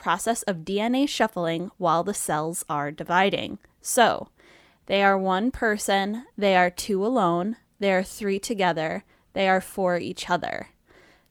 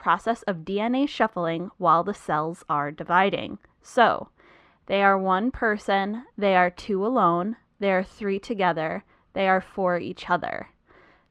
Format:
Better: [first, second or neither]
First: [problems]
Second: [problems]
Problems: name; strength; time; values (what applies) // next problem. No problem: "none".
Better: first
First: none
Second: muffled; slightly; fading above 3 kHz